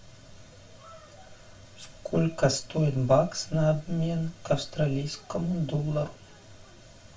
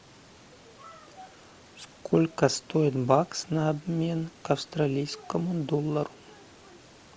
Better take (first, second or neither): second